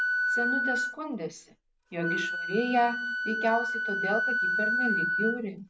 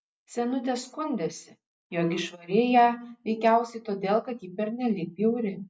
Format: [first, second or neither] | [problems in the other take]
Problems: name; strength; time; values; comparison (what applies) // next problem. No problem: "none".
second | background sound (Wind instrument, woodwind instrument); 2 dB above the speech